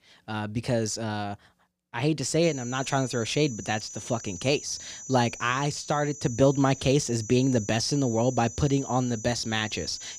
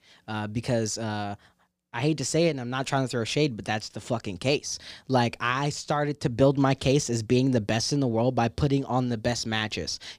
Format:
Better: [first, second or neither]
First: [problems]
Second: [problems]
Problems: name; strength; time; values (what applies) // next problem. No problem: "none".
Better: second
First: high-pitched whine; noticeable; from 2.5 s on; 6 kHz, 10 dB below the speech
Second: none